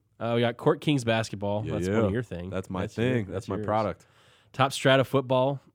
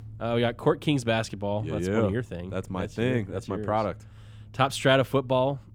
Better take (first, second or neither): first